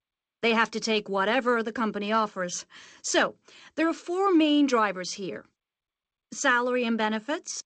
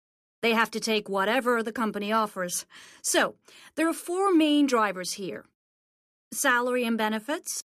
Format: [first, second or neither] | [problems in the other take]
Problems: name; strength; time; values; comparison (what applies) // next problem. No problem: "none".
second | garbled, watery; slightly; nothing above 7.5 kHz